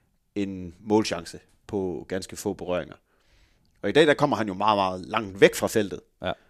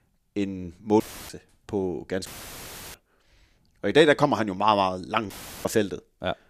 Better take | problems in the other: first | audio cutting out; filled with static; at 1 s, at 2.5 s for 0.5 s and at 5.5 s

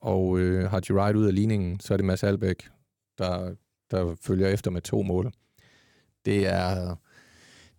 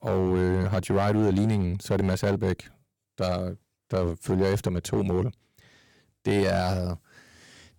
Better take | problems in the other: first | distortion; slight; 5% of the sound clipped

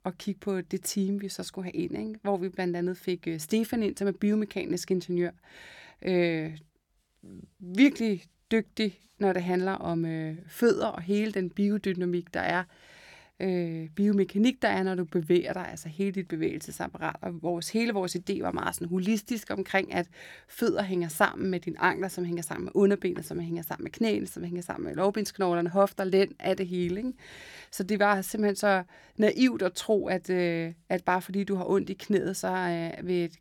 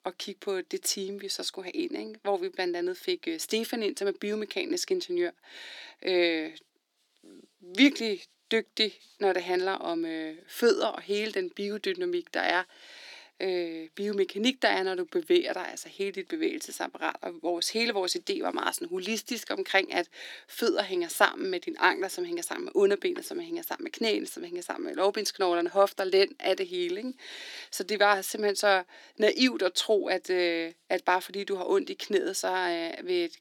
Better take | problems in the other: first | thin; somewhat; fading below 250 Hz

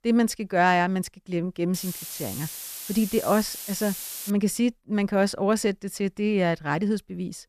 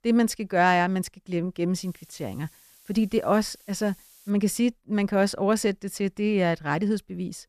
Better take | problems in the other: second | hiss; loud; from 1.5 to 4.5 s; 9 dB below the speech; faint in the second

